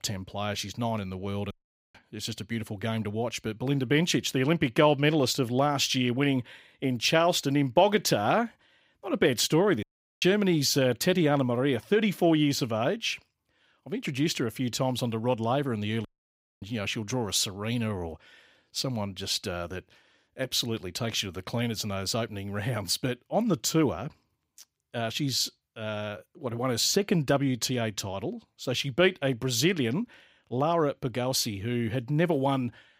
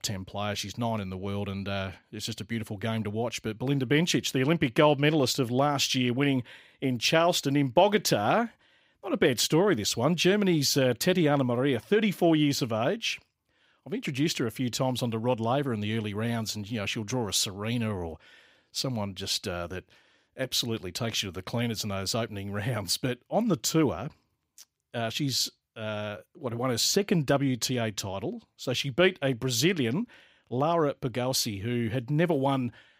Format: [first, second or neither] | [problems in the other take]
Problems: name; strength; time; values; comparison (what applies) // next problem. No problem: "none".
second | audio cutting out; at 1.5 s, at 10 s and at 16 s for 0.5 s